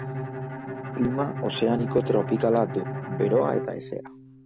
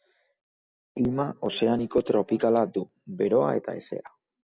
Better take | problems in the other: second | background sound (Bowed string instrument); 6 dB below the speech

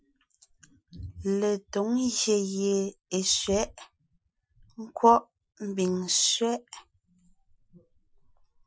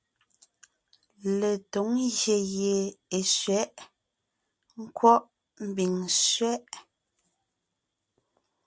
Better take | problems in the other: second | noise reduction (classical method Wiener filter)

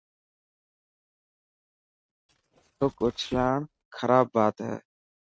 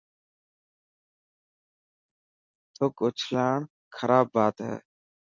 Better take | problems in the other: second | noise reduction (neural mask model RNNoise)

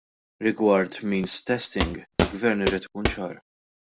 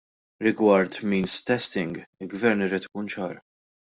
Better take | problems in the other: second | background sound (Walk, footsteps); 1 dB below the speech

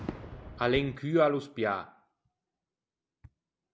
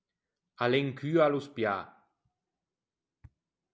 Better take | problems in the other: second | background sound (Fireworks); 15 dB below the speech

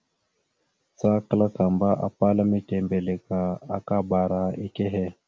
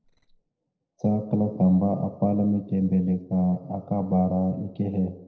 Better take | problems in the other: first | noise reduction (neural separator model SepFormer DNS4)

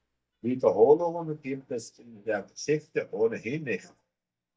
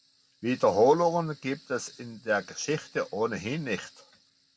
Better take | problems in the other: second | noise reduction (neural mask model DeepFilterNet 3)

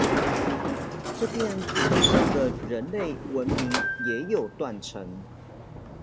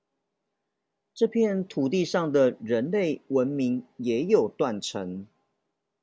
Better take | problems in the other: second | background sound (Sliding door); 4 dB above the speech

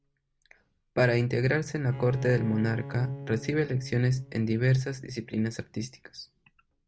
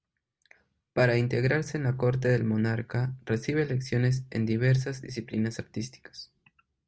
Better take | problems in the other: second | background sound (Bowed string instrument); 16 dB below the speech

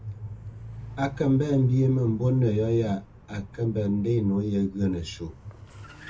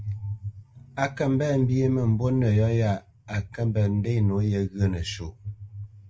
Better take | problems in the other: second | background sound (Car); 19 dB below the speech // room echo; dies away in 0.2 s

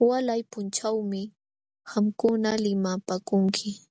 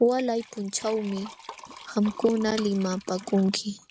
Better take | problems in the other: first | background sound (Liquid); 18 dB below the speech

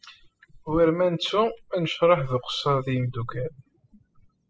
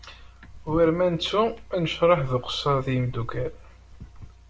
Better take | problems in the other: second | noise reduction (classical method spectral subtraction)

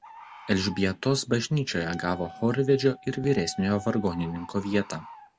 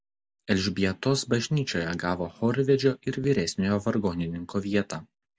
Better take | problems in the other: second | background sound (Wind instrument, woodwind instrument + Bird); 18 dB below the speech

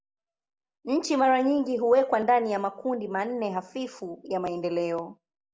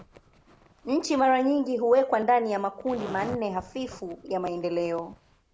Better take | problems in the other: first | background sound (Zipper (clothing)); 19 dB below the speech

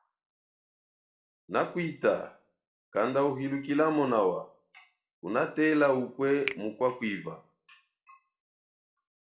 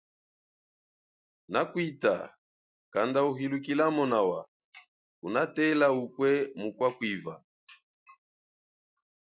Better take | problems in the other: second | background sound (Finger snapping); 14 dB below the speech // room echo; dies away in 0.4 s

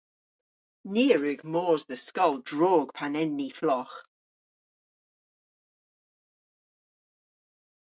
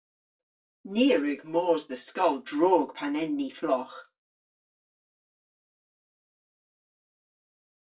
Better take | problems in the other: first | room echo; dies away in 0.2 s

